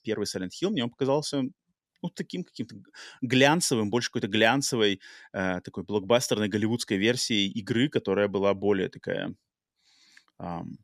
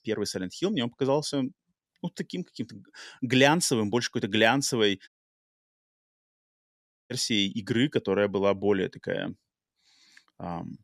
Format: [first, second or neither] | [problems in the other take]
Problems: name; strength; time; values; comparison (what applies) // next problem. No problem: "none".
first | audio cutting out; at 5 s for 2 s